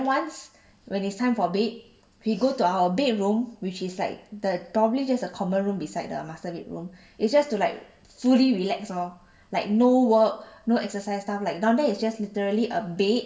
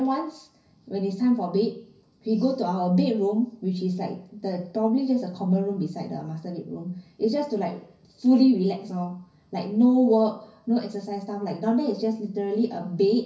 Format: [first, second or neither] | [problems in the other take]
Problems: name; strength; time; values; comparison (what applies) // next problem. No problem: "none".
first | room echo; dies away in 0.5 s